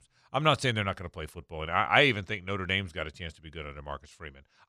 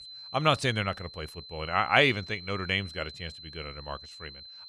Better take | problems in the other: first | high-pitched whine; noticeable; throughout; 4 kHz, 15 dB below the speech

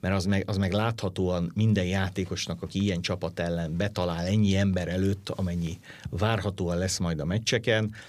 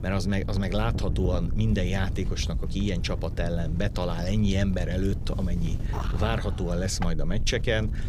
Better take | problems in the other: first | wind noise on the microphone; occasional gusts; 10 dB below the speech

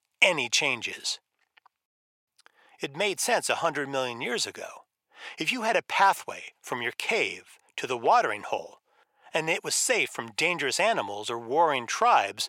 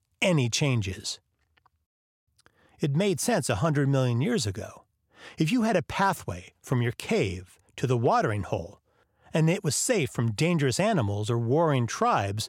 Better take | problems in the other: second | thin; very; fading below 450 Hz

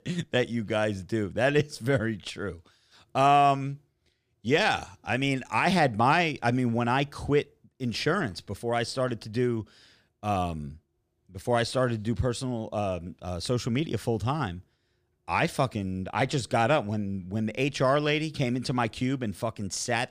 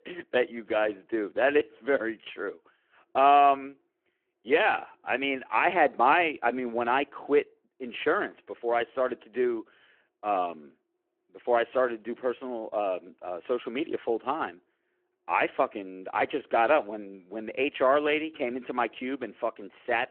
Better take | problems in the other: first | phone-call audio

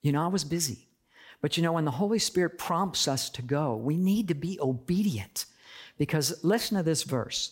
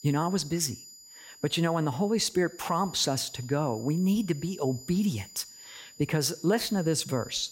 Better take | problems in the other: first | high-pitched whine; noticeable; throughout; 7 kHz, 20 dB below the speech

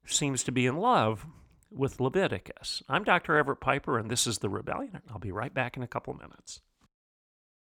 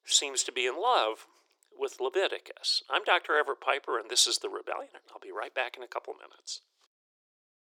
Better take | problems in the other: first | thin; very; fading below 350 Hz

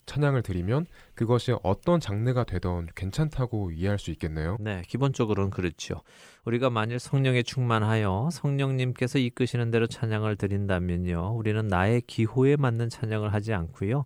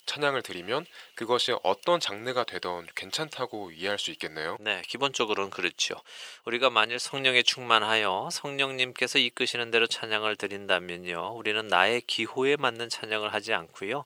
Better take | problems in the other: first | thin; very; fading below 550 Hz

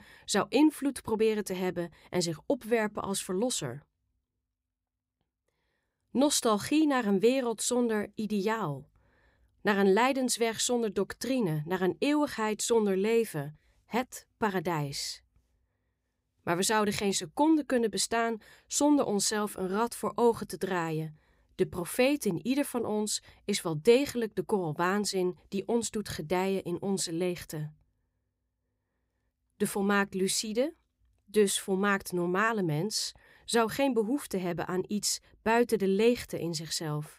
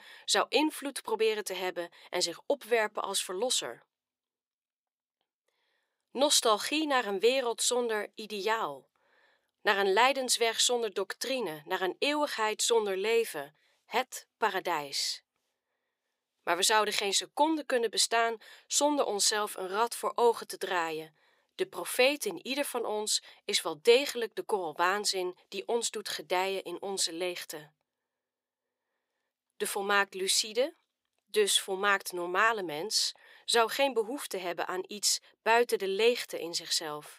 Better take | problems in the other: first | thin; somewhat; fading below 550 Hz

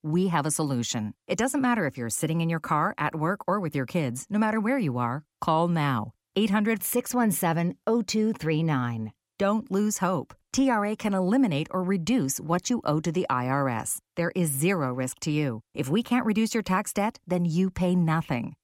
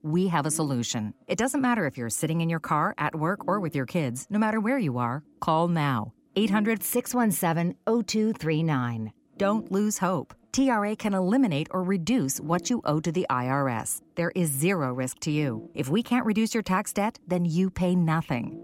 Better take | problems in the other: first | low rumble; faint; throughout; 20 dB below the speech

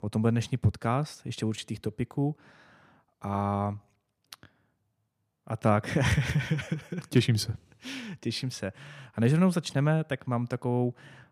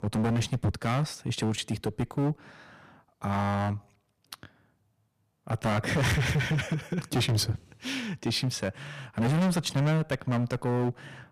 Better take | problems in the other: first | distortion; heavy; 14% of the sound clipped

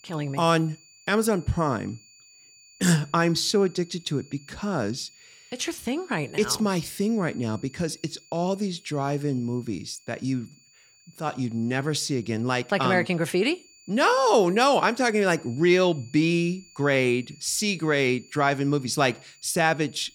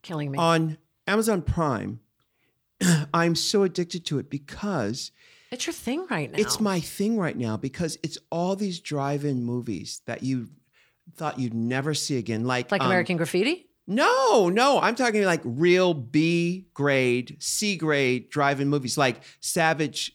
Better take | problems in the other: second | high-pitched whine; faint; throughout; 7 kHz, 25 dB below the speech

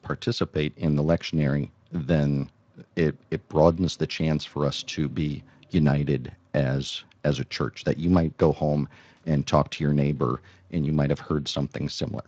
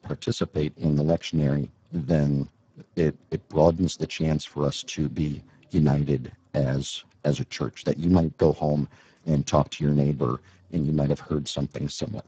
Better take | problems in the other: first | garbled, watery; badly; nothing above 7.5 kHz; slightly in the first

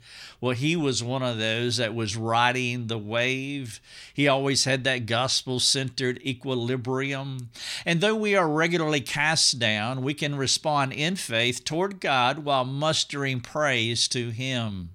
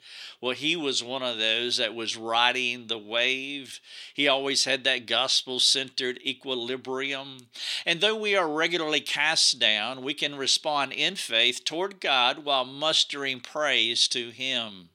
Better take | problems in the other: first | thin; somewhat; fading below 350 Hz

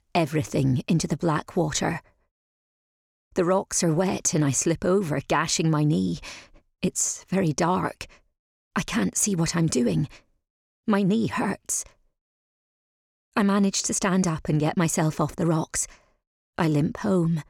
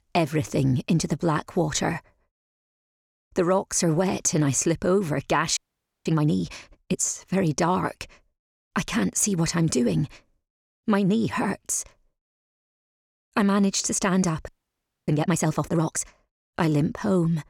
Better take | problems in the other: first | audio freezing; at 5.5 s and at 14 s for 0.5 s

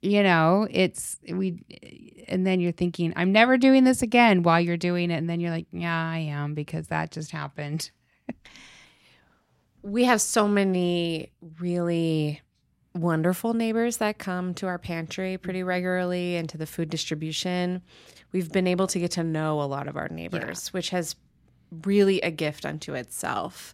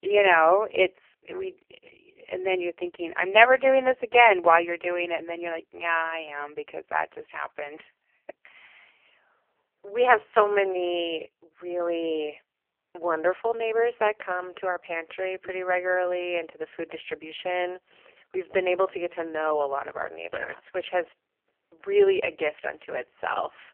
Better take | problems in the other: first | phone-call audio; poor line; nothing above 3 kHz

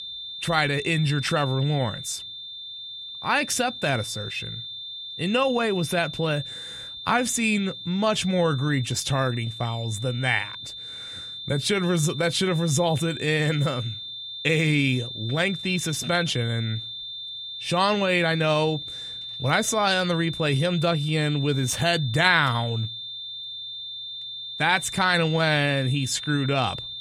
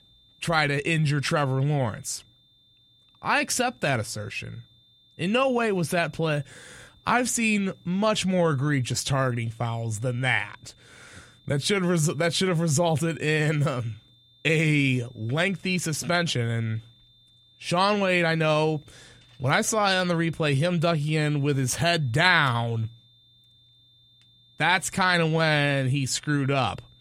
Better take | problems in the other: second | high-pitched whine; loud; throughout; 3.5 kHz, 9 dB below the speech; faint in the second

